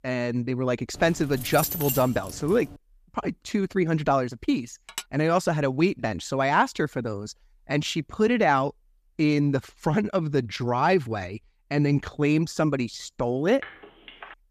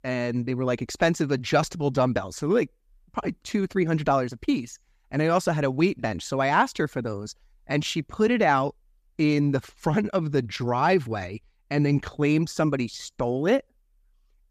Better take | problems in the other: second | jangling keys; noticeable; from 1 to 3 s; peak 2 dB below the speech // clattering dishes; faint; at 5 s; peak 10 dB below the speech // phone ringing; faint; at 14 s; peak 15 dB below the speech

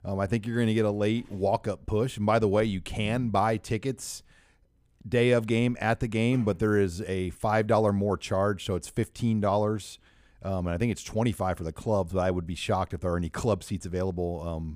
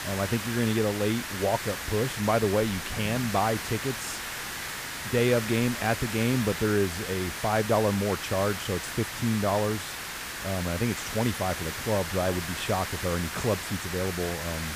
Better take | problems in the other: first | hiss; loud; throughout; 5 dB below the speech

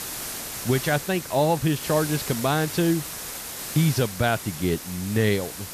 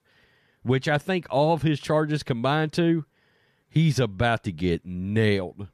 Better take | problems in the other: second | hiss; loud; throughout; 8 dB below the speech

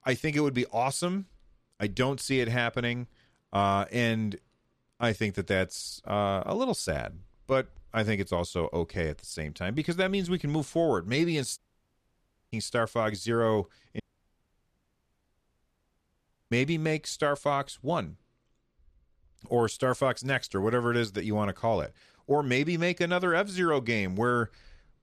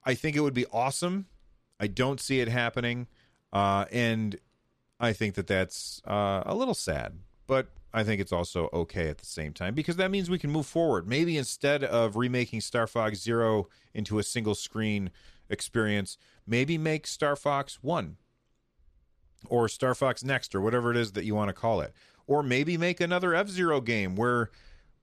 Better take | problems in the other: second | audio cutting out; at 12 s for 1 s and at 14 s for 2.5 s

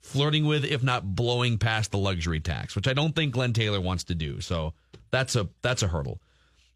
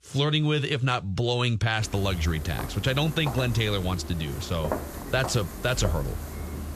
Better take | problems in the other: first | footsteps; noticeable; from 2 s on; peak 5 dB below the speech

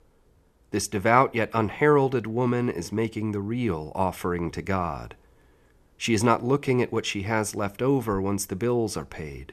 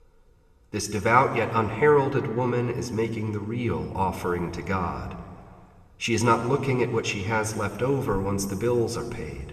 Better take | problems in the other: first | room echo; slight; dies away in 1.8 s

